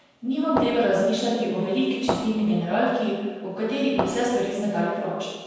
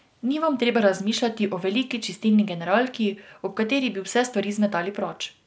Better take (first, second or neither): second